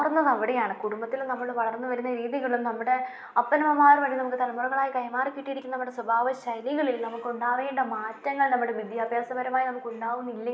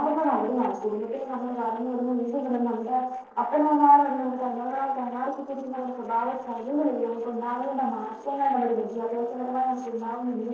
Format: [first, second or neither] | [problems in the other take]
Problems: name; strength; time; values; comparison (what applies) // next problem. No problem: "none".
first | noise reduction (neural separator model SepFormer DNS4)